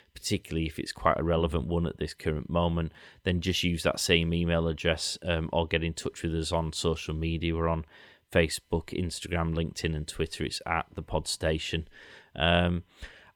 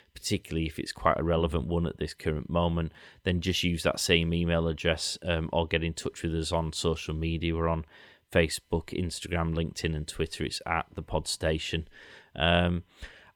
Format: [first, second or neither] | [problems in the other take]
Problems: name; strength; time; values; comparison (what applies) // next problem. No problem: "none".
neither | none